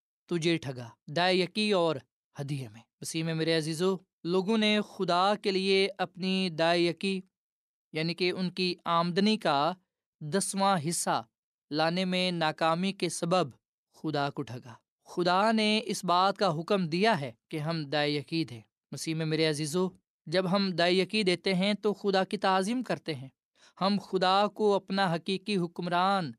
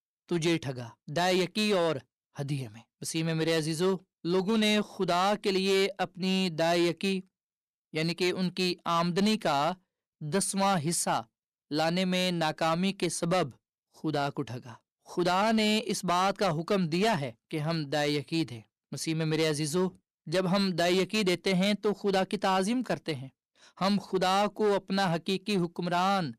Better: first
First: none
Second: distortion; slight; 7% of the sound clipped

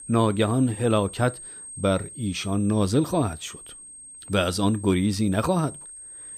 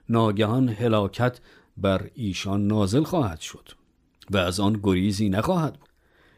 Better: second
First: high-pitched whine; noticeable; throughout; 8.5 kHz, 15 dB below the speech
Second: none

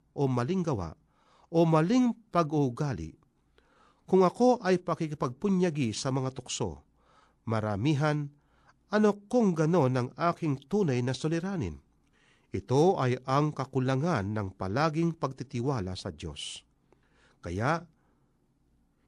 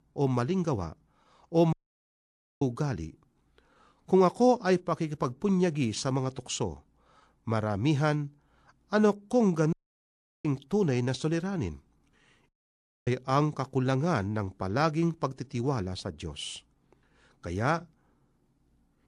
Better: first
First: none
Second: audio cutting out; at 1.5 s for 1 s, at 9.5 s for 0.5 s and at 12 s for 0.5 s

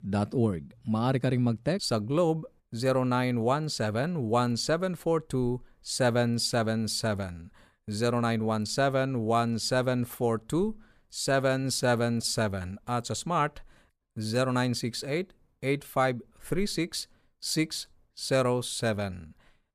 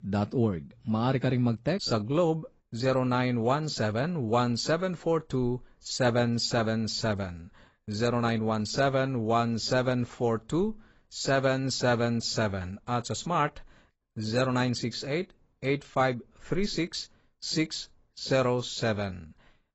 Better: first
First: none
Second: garbled, watery; badly; nothing above 8 kHz

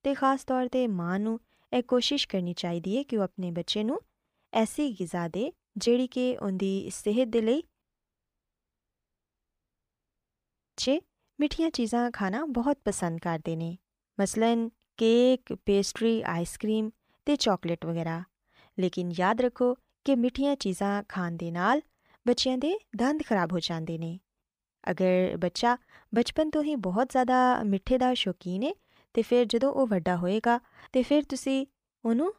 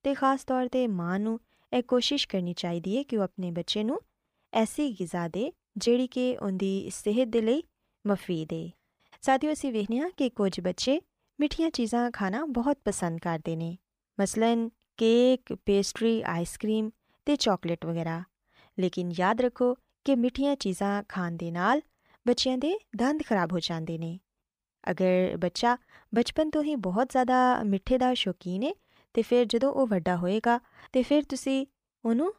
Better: second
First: audio cutting out; at 8 s for 3 s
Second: none

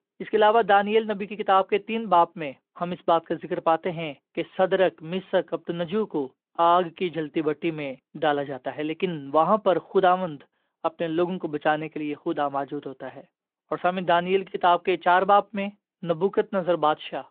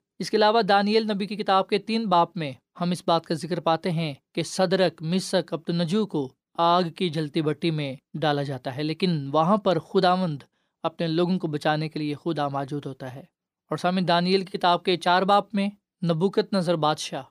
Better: second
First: phone-call audio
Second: none

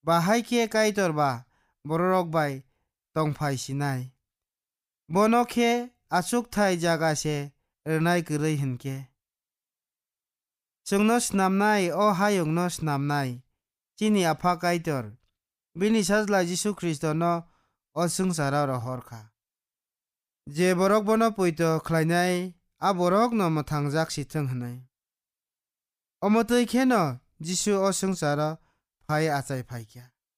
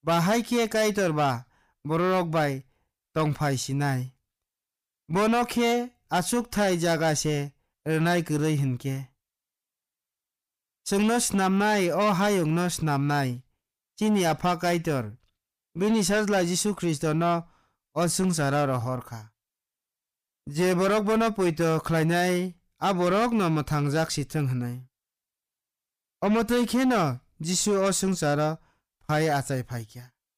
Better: first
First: none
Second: distortion; slight; 10 dB below the speech

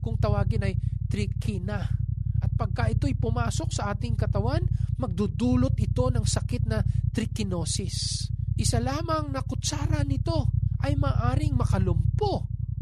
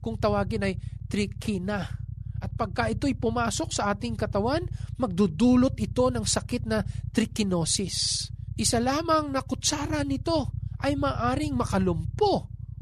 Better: second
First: low rumble; loud; throughout; 9 dB below the speech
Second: low rumble; faint; throughout; 20 dB below the speech

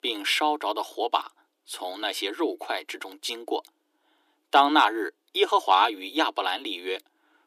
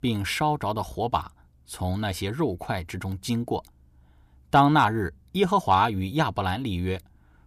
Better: second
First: thin; very; fading below 300 Hz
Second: none

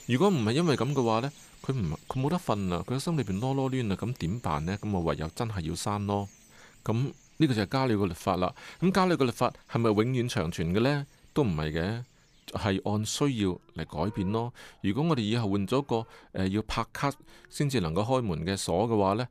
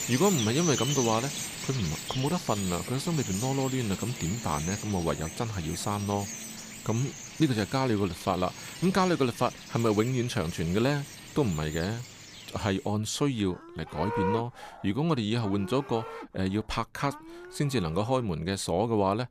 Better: first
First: animal sounds; faint; throughout; 25 dB below the speech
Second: animal sounds; loud; throughout; 7 dB below the speech

